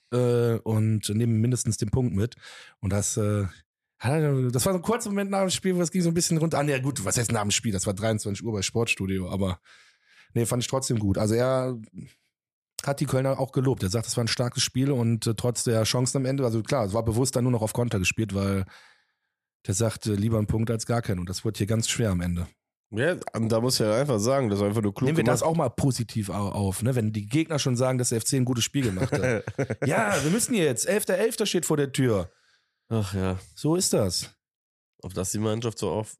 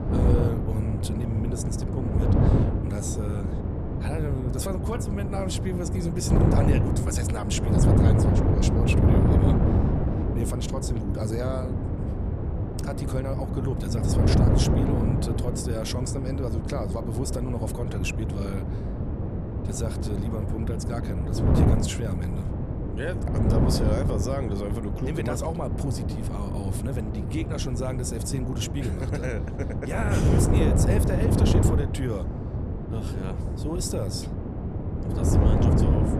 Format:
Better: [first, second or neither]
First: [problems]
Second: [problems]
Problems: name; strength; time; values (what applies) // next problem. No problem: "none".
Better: first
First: none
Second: wind noise on the microphone; heavy; 1 dB above the speech